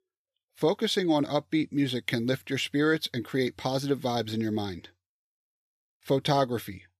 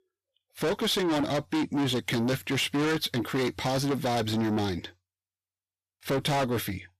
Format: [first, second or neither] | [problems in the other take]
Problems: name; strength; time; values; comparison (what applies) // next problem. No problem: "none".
first | distortion; heavy; 6 dB below the speech